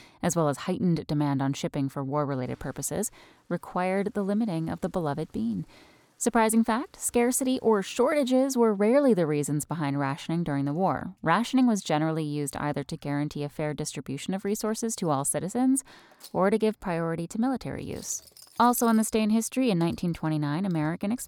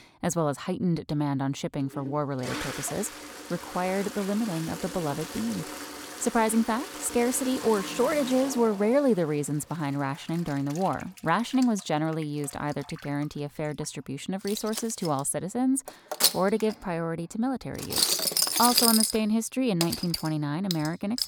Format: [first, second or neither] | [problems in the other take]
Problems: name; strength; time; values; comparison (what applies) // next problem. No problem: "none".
first | household noises; loud; throughout; 1 dB below the speech; faint in the first